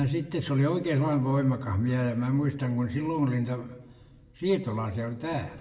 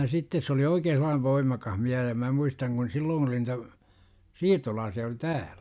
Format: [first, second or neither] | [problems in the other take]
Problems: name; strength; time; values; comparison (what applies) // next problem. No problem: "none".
second | room echo; dies away in 1.3 s